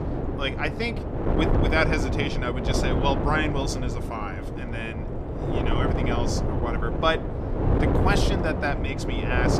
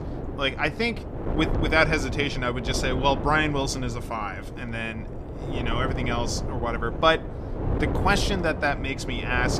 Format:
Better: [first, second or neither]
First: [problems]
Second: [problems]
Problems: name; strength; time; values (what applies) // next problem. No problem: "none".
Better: second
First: wind noise on the microphone; heavy; 3 dB below the speech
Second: wind noise on the microphone; occasional gusts; 10 dB below the speech